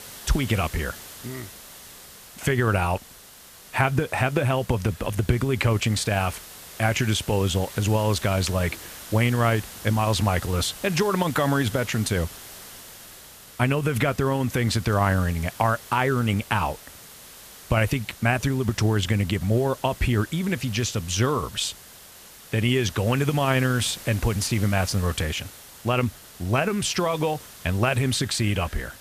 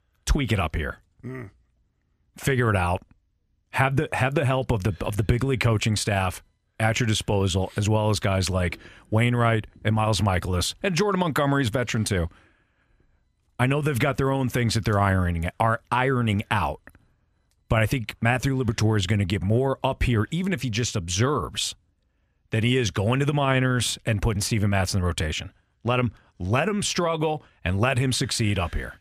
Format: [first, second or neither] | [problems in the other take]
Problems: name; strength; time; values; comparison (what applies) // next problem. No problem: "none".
second | hiss; noticeable; throughout; 15 dB below the speech